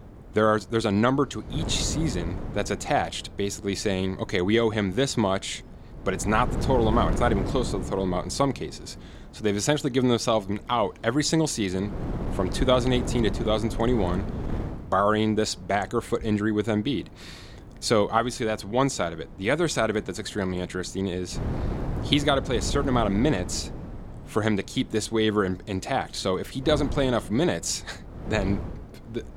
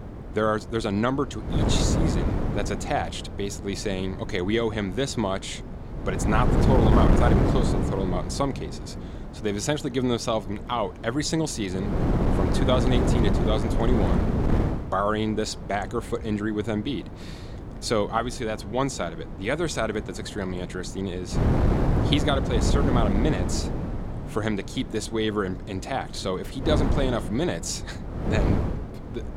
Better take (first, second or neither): first